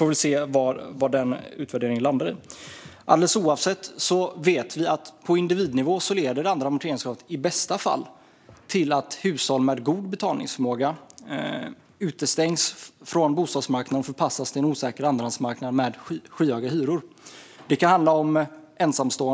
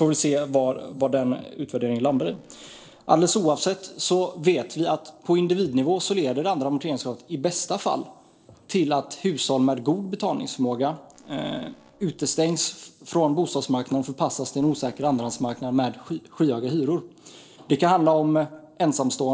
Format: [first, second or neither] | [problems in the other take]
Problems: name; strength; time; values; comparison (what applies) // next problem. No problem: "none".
first | noise reduction (neural separator model SepFormer DNS4)